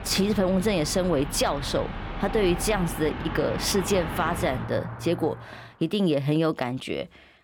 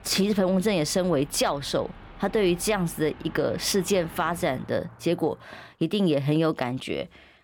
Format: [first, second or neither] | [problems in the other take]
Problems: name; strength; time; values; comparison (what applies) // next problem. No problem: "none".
second | traffic noise; loud; until 5.5 s; 9 dB below the speech; faint in the second